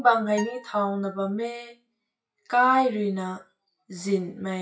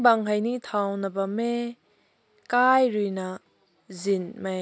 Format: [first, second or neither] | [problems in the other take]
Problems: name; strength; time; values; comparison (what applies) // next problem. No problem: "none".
second | noise reduction (classical method WPE with log-MMSE)